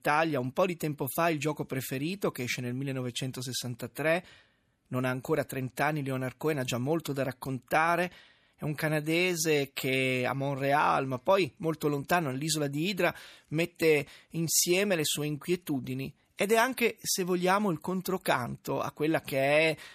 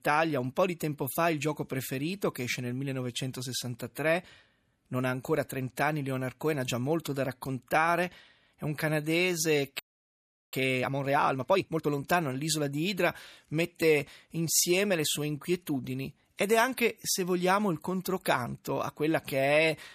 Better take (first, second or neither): first